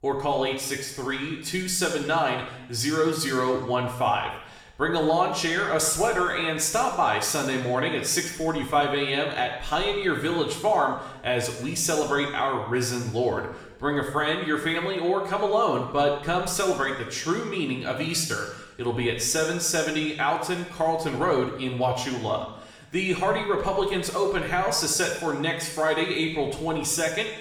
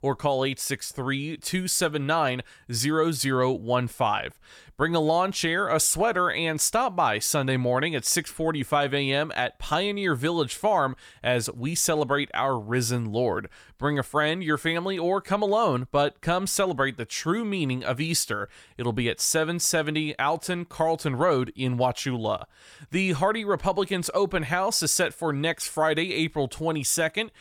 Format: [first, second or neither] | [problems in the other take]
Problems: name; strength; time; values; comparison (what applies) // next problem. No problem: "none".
second | room echo; noticeable; dies away in 0.9 s // off-mic speech; somewhat distant